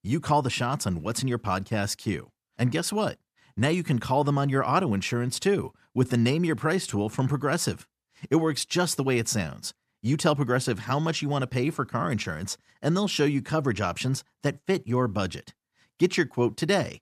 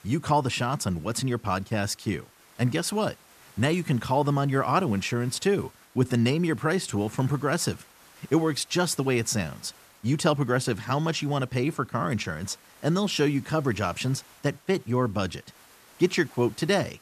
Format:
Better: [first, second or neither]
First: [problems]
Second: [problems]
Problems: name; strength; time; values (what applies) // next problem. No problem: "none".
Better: first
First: none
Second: hiss; faint; throughout; 25 dB below the speech